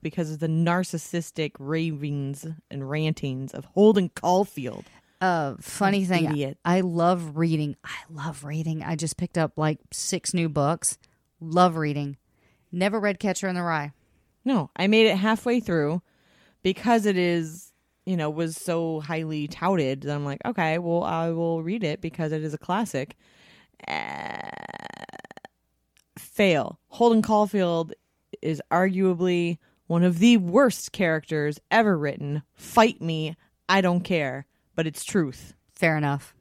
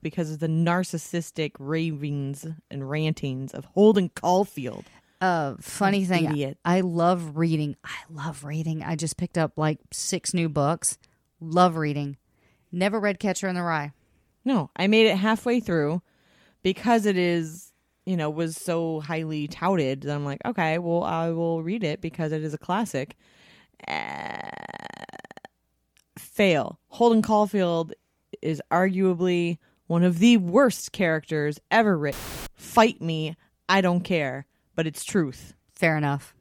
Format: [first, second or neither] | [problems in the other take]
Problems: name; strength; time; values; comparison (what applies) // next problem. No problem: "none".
first | audio cutting out; filled with static; at 32 s